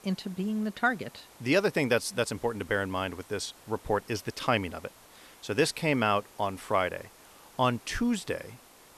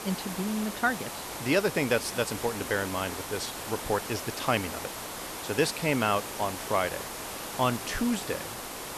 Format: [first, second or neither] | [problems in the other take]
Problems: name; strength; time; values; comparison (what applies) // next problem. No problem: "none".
first | hiss; loud; throughout; 6 dB below the speech; faint in the first